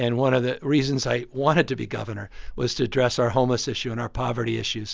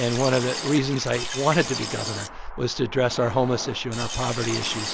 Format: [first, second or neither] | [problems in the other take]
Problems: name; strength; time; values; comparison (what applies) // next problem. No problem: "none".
first | background sound (Liquid); 8 dB below the speech